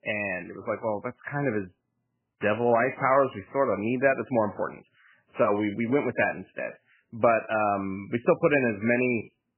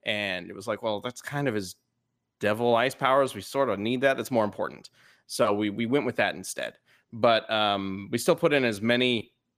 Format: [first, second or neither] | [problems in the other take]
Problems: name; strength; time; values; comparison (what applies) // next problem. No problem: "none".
second | garbled, watery; badly; nothing above 2.5 kHz